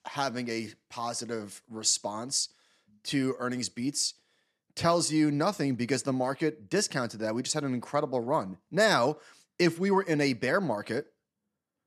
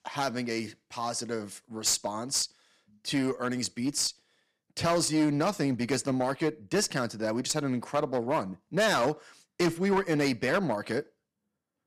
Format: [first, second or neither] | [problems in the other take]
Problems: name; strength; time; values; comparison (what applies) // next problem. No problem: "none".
first | distortion; slight; 5% of the sound clipped